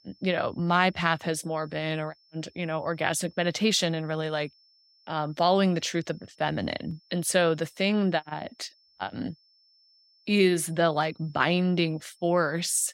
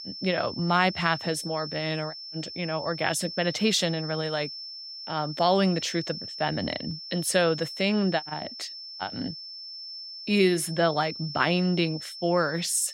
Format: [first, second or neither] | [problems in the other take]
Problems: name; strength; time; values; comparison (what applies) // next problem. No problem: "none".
first | high-pitched whine; loud; throughout; 5.5 kHz, 10 dB below the speech; faint in the first